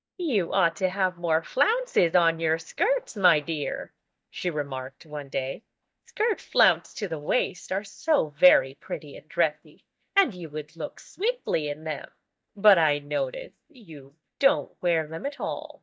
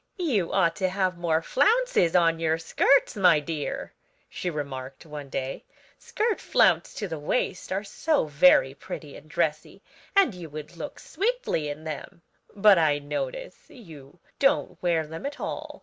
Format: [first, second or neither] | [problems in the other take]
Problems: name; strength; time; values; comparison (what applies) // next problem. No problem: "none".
second | noise reduction (neural mask model DeepFilterNet 3)